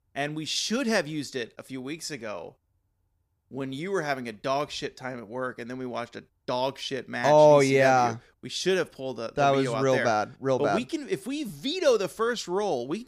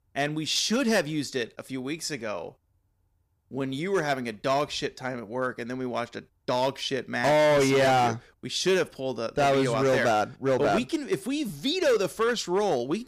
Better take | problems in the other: first | distortion; heavy; 7% of the sound clipped

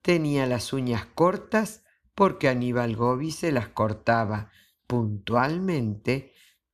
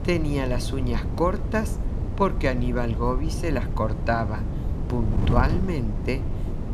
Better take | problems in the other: first | wind noise on the microphone; occasional gusts; 10 dB below the speech

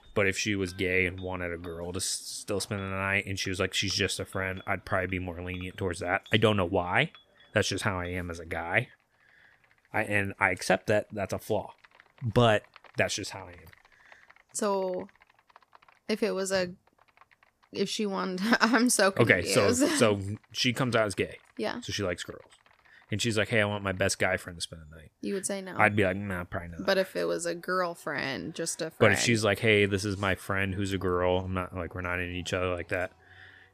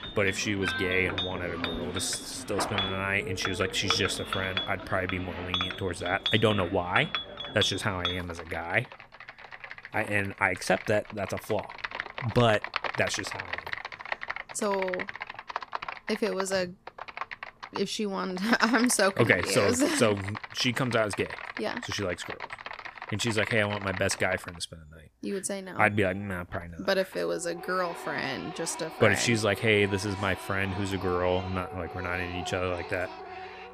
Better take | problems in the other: first | household noises; loud; throughout; 7 dB below the speech; faint in the first

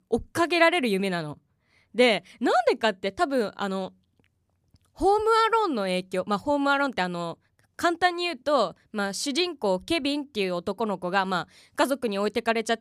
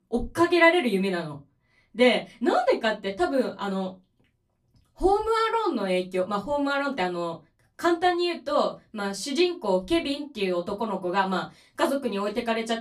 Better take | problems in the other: first | off-mic speech; far // room echo; very slight; dies away in 0.2 s

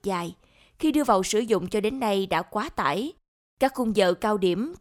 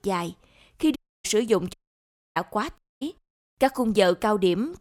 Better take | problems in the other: first | audio cutting out; at 1 s, at 1.5 s for 0.5 s and at 3 s

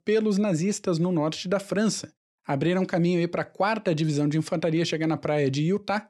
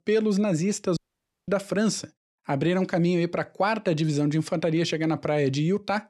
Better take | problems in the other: first | audio cutting out; at 1 s for 0.5 s

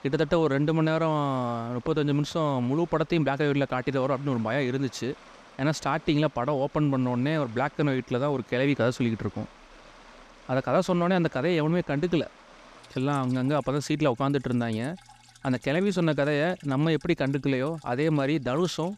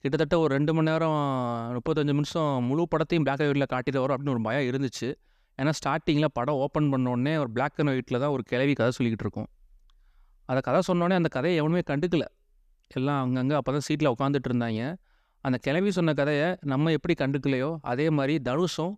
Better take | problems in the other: second | rain or running water; faint; throughout; 25 dB below the speech

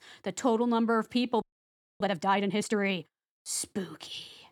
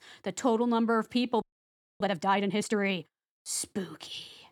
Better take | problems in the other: neither | audio freezing; at 1.5 s for 0.5 s; the same in both

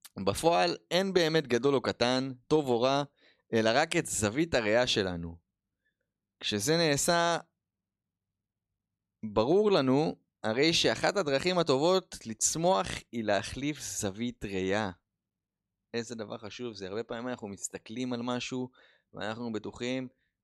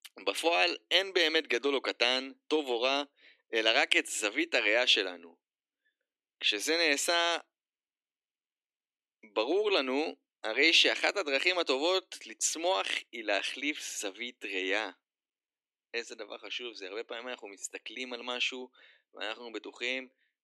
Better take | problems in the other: first | thin; somewhat; fading below 300 Hz

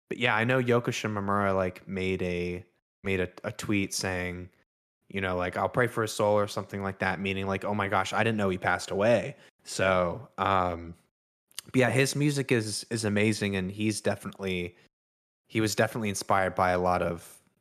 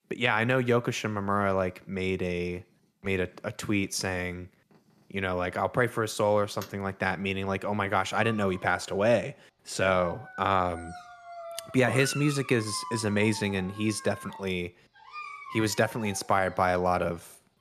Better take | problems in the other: first | animal sounds; noticeable; throughout; 15 dB below the speech

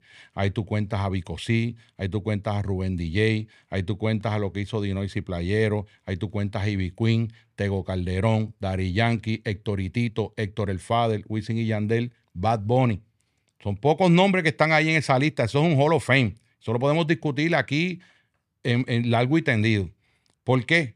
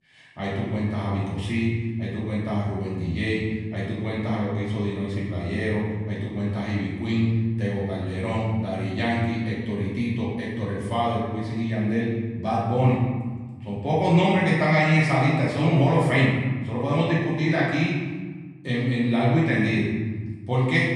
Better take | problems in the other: first | room echo; strong; dies away in 1.4 s // off-mic speech; far

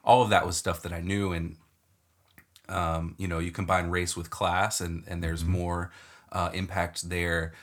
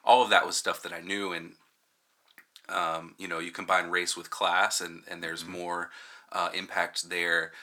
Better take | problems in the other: first | thin; somewhat; fading below 250 Hz

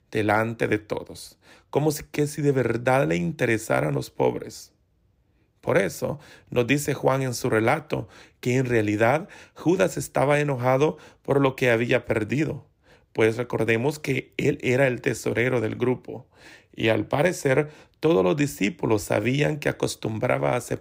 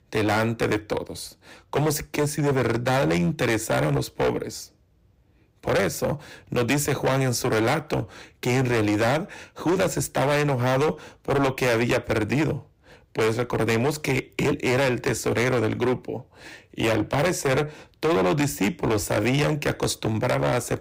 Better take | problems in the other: first | distortion; heavy; 17% of the sound clipped

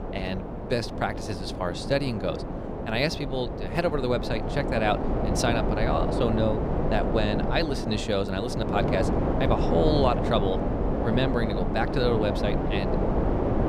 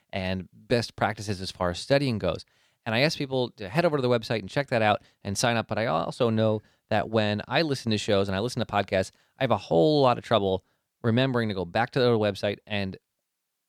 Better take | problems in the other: second | wind noise on the microphone; heavy; 3 dB below the speech

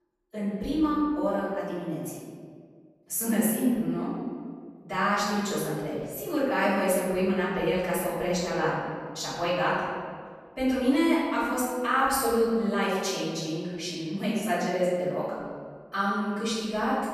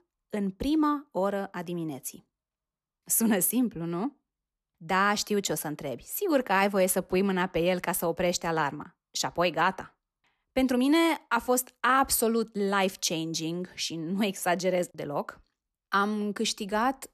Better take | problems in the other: second | off-mic speech; far // room echo; strong; dies away in 1.7 s

